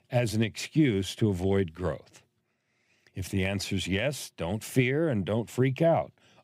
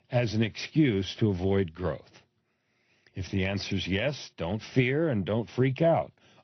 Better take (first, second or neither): first